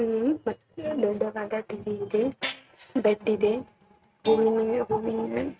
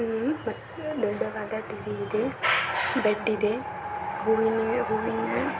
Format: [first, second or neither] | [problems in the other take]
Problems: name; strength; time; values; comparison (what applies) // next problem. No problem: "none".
second | noise reduction (neural mask model RNNoise)